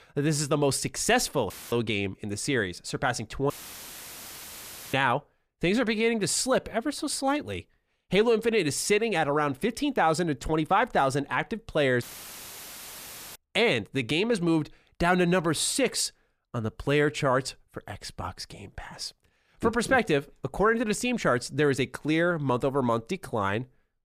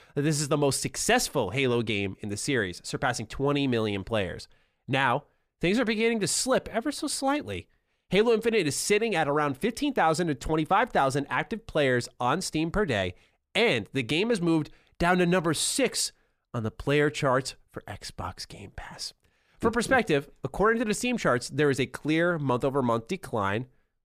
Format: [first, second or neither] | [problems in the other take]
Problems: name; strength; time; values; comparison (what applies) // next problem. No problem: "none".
second | audio cutting out; filled with static; at 1.5 s, at 3.5 s for 1.5 s and at 12 s for 1.5 s